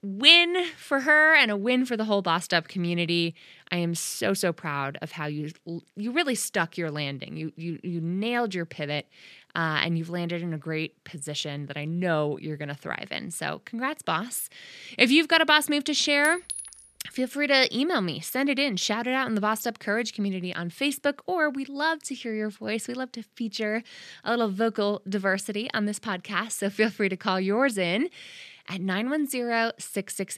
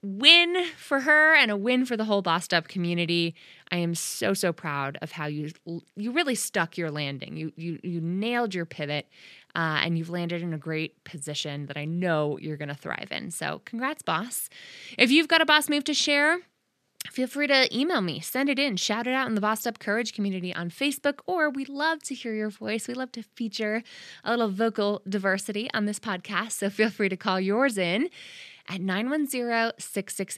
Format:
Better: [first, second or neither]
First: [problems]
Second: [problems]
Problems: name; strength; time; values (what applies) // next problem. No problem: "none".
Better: second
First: clattering dishes; noticeable; at 16 s; peak 7 dB below the speech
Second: none